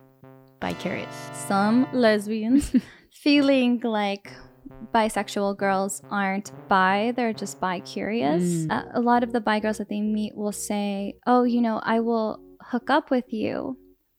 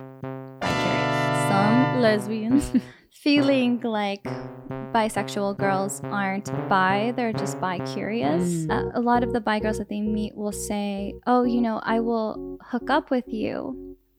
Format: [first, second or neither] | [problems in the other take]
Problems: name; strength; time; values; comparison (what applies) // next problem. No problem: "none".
first | background music; loud; throughout; 6 dB below the speech; faint in the first